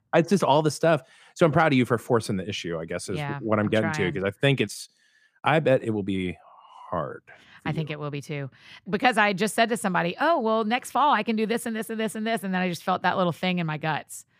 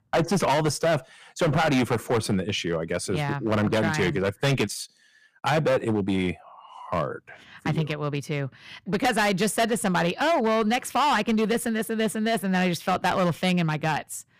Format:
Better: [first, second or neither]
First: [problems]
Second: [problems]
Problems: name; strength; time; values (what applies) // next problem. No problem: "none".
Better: first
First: none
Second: distortion; heavy; 11% of the sound clipped